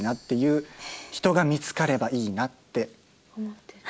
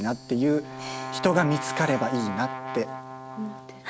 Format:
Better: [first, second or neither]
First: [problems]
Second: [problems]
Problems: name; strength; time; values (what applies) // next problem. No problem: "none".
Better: first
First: none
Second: background sound (Brass instrument); 8 dB below the speech